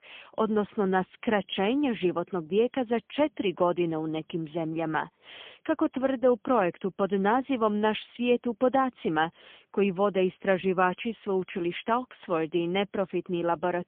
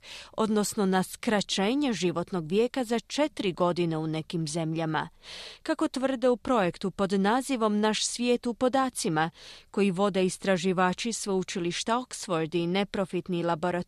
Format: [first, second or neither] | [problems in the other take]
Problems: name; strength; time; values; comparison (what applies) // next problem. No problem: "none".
second | phone-call audio; poor line; nothing above 3.5 kHz